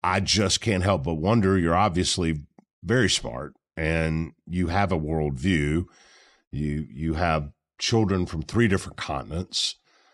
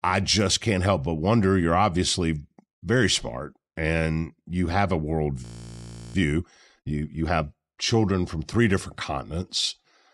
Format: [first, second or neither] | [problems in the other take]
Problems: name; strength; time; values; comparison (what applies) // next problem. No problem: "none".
first | audio freezing; at 5.5 s for 0.5 s